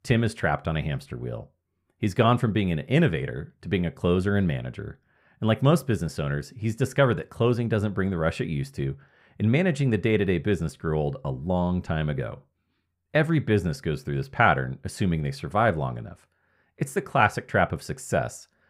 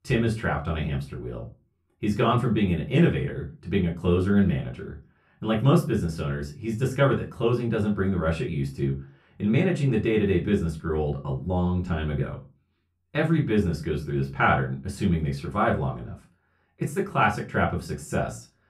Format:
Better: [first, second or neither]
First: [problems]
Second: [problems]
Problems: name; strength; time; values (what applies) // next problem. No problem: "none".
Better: first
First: none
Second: off-mic speech; far // room echo; very slight; dies away in 0.2 s